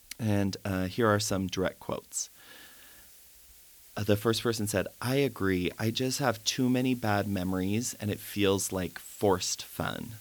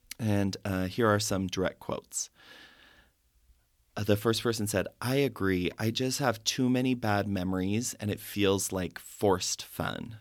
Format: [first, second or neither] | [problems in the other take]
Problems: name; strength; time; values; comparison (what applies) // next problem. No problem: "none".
second | hiss; faint; throughout; 20 dB below the speech